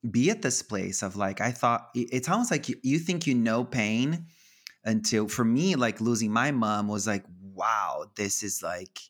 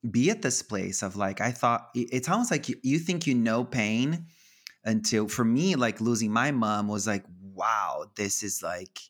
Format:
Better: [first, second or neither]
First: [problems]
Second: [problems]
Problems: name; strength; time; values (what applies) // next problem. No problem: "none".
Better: neither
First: none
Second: none